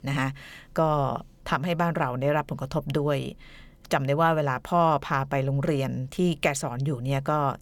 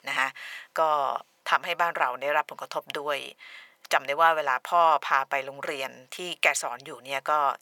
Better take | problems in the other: first | thin; very; fading below 900 Hz

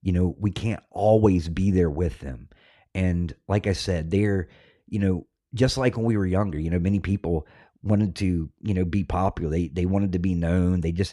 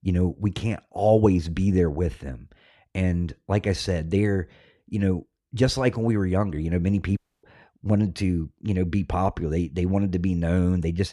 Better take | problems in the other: first | audio cutting out; at 7 s

